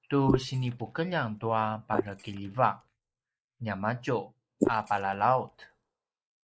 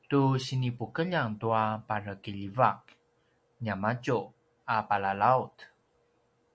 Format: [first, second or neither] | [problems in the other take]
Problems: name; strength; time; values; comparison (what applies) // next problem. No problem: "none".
second | noise reduction (neural mask model Resemble Enhance denoiser)